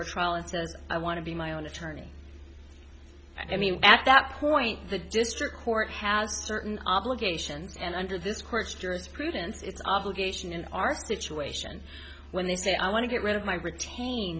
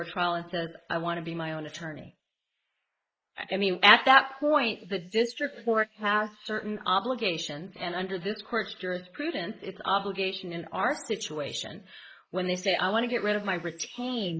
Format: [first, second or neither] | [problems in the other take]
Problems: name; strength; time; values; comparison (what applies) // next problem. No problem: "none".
first | noise reduction (neural mask model Resemble Enhance denoiser)